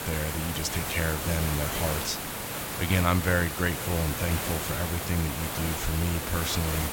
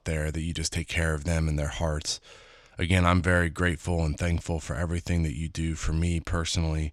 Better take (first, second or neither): second